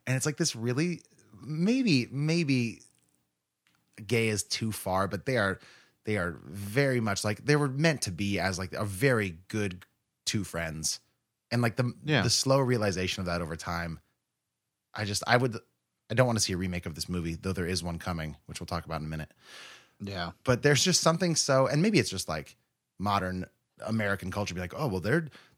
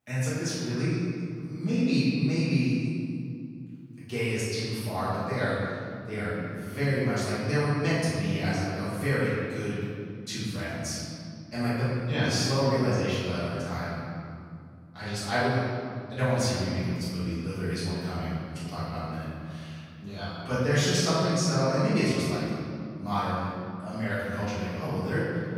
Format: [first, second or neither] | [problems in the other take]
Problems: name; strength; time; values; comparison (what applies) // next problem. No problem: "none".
first | off-mic speech; far // room echo; strong; dies away in 2.5 s